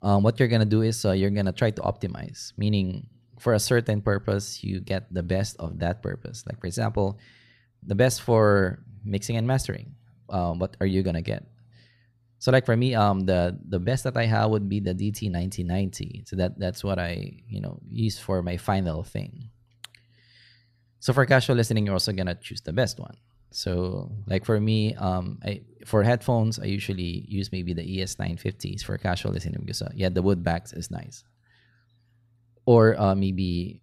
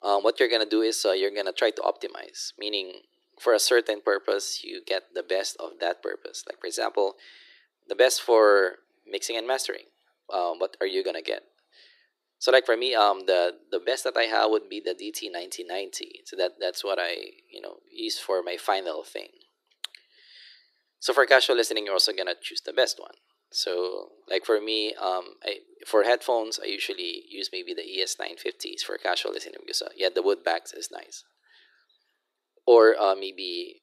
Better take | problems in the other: first | thin; very; fading below 300 Hz

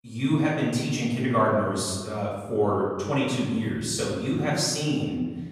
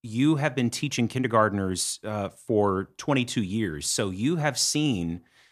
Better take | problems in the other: second | off-mic speech; far // room echo; noticeable; dies away in 1.3 s

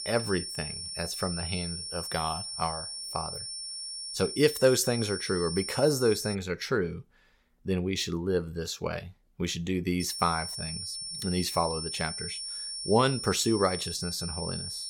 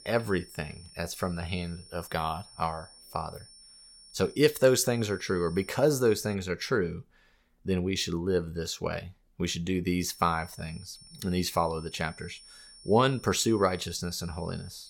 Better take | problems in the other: second | high-pitched whine; loud; until 6.5 s and from 10 s on; 5.5 kHz, 5 dB below the speech; faint in the second

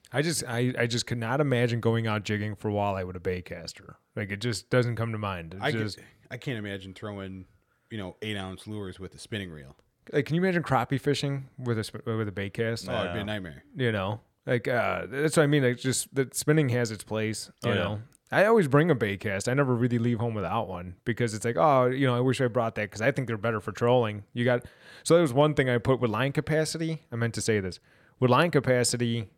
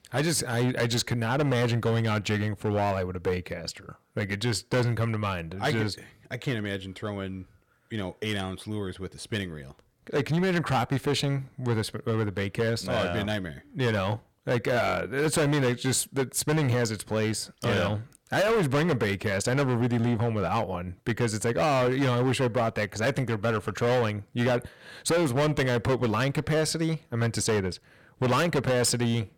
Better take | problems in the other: first | distortion; heavy; 13% of the sound clipped

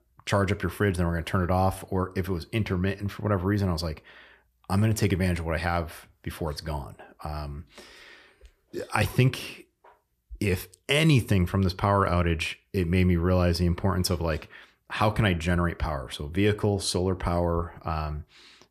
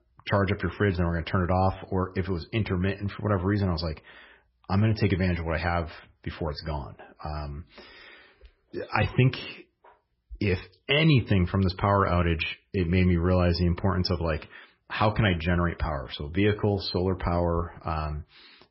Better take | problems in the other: first | garbled, watery; badly; nothing above 5.5 kHz

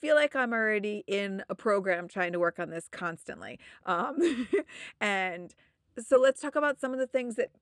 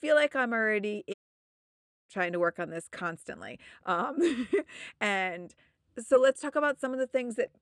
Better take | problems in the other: first | audio cutting out; at 1 s for 1 s

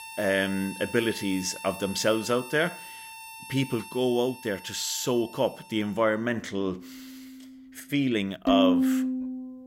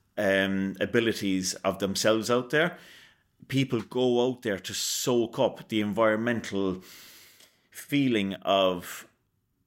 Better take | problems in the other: second | background music; loud; throughout; 4 dB below the speech

